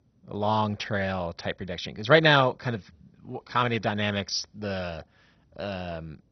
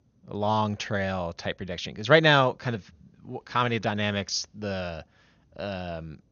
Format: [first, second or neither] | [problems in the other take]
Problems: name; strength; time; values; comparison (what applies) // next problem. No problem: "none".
second | garbled, watery; badly; nothing above 6 kHz; slightly in the second